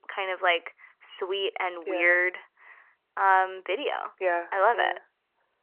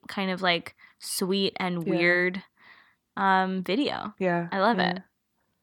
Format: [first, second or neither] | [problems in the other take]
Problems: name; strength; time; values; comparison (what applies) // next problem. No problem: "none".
second | phone-call audio; nothing above 3 kHz